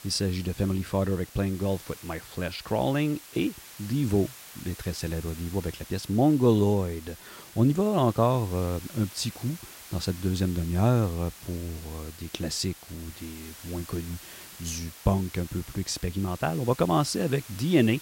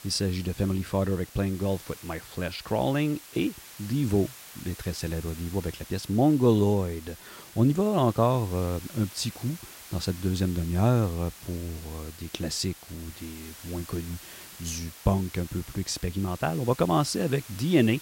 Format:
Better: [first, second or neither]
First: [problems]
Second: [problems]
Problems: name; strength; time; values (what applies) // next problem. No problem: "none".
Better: neither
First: hiss; noticeable; throughout; 15 dB below the speech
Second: hiss; noticeable; throughout; 15 dB below the speech